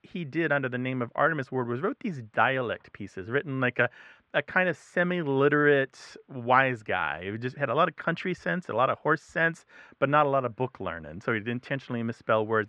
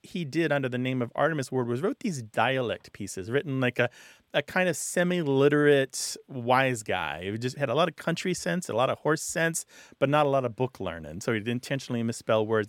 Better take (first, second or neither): second